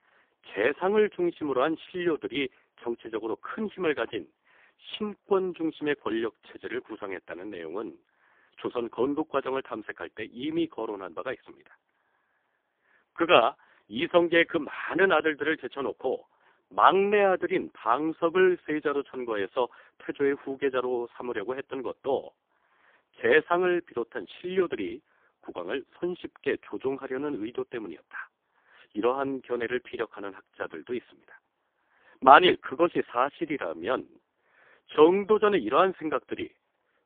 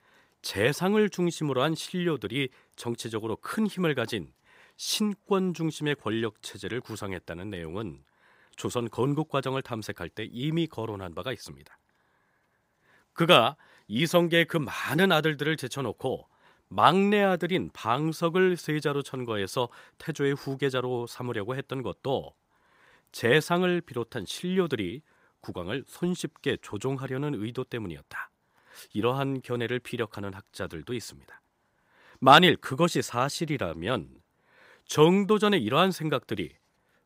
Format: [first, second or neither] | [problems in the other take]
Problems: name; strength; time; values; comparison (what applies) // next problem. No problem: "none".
second | phone-call audio; poor line; nothing above 3.5 kHz